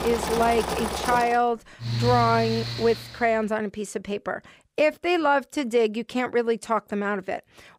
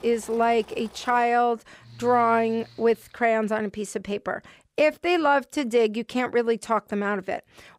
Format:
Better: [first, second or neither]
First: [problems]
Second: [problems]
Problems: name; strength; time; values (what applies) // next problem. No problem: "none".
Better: second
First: machinery noise; loud; until 3 s; 5 dB below the speech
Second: machinery noise; faint; until 3 s; 25 dB below the speech